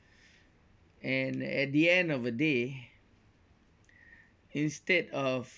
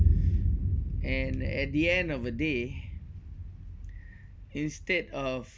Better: first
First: none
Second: background sound (Boom); 3 dB above the speech

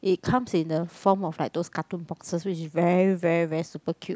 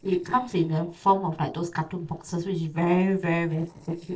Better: first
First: none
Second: noise reduction (neural separator model SepFormer DNS4)

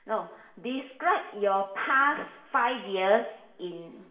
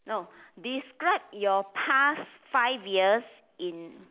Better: second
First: room echo; dies away in 0.7 s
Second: none

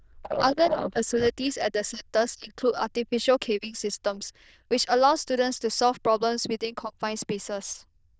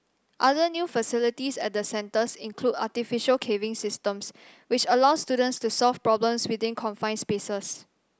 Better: second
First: noise reduction (neural diffusion model UNIVERSE++)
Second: none

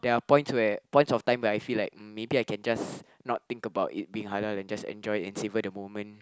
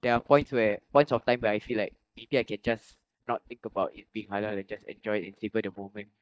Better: first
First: none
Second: noise reduction (neural mask model DeepFilterNet 3)

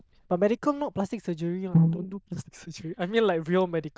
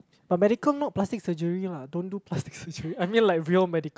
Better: second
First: noise reduction (neural diffusion model UNIVERSE++)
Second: none

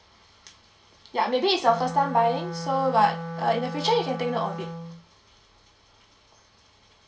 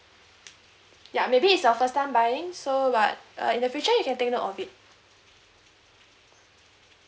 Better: second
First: background sound (Wind instrument, woodwind instrument); 10 dB below the speech // room echo; dies away in 0.2 s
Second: none

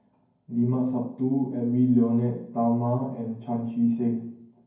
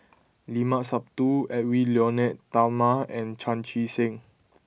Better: second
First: room echo; dies away in 0.9 s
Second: none

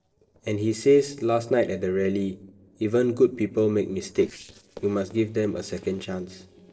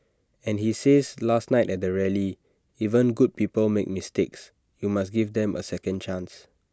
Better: second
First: noise reduction (neural separator model SepFormer DNS4)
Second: none

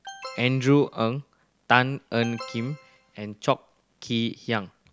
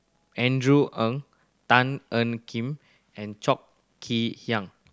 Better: second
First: background sound (Alarm); 18 dB below the speech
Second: none

